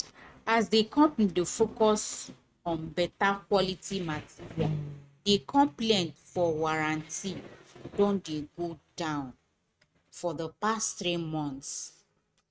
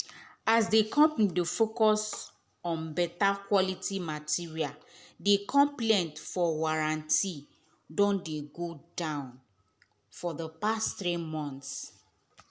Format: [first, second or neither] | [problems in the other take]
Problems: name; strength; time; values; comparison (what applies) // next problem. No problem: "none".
second | noise reduction (neural mask model RNNoise)